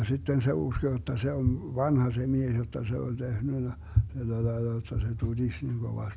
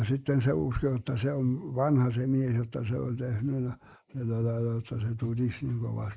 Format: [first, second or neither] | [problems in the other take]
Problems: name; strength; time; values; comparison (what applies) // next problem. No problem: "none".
first | noise reduction (neural mask model Resemble Enhance denoiser)